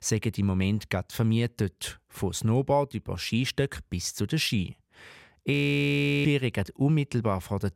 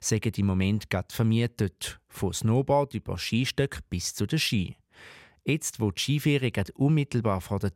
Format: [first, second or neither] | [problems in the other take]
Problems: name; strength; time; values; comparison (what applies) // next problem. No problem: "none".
second | audio freezing; at 5.5 s for 0.5 s